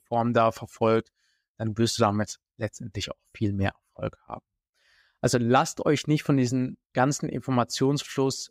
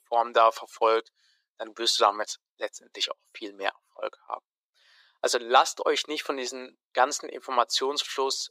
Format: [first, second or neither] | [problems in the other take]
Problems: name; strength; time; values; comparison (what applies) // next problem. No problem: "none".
first | thin; very; fading below 400 Hz